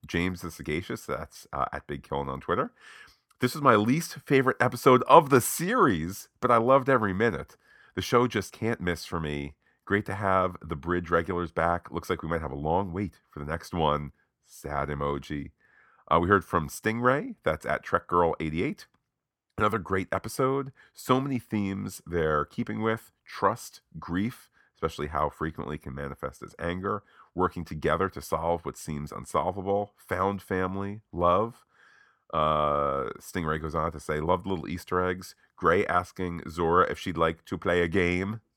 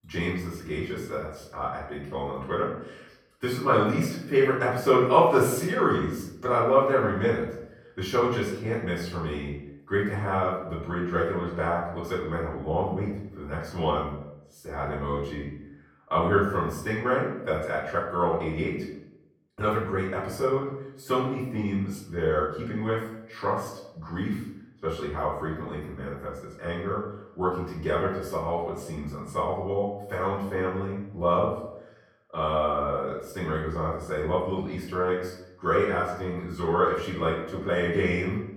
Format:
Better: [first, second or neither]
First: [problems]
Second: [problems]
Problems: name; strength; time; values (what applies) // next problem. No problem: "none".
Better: first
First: none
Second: room echo; noticeable; dies away in 0.7 s // off-mic speech; far